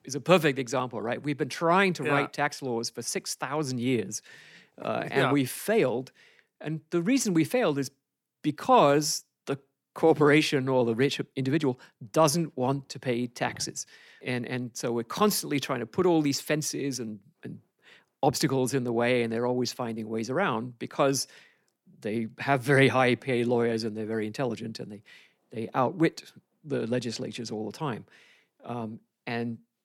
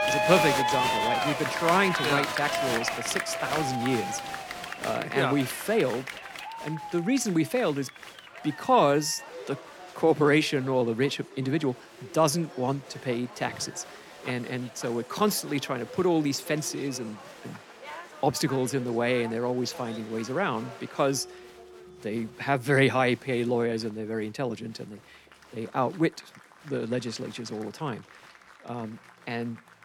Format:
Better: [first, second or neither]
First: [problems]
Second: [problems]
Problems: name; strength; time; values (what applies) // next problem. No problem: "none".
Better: first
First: none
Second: crowd noise; loud; throughout; 5 dB below the speech